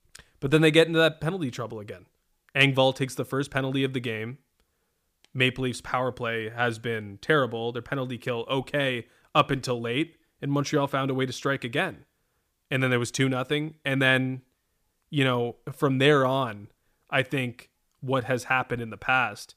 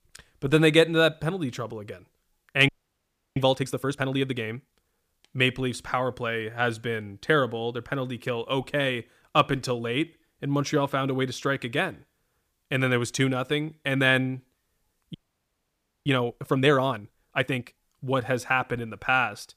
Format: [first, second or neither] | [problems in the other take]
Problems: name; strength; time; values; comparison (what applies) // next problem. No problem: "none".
first | audio freezing; at 2.5 s for 0.5 s and at 15 s for 1 s